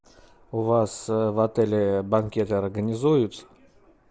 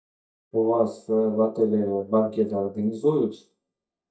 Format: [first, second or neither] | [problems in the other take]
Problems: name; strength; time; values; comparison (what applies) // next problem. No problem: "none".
first | noise reduction (neural mask model DeepFilterNet 3)